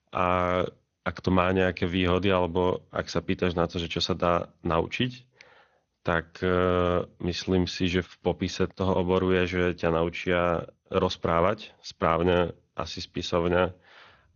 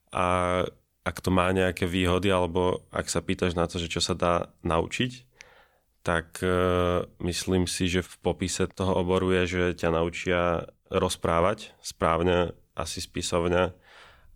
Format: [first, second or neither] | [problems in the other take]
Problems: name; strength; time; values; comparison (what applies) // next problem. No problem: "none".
second | garbled, watery; slightly; nothing above 6.5 kHz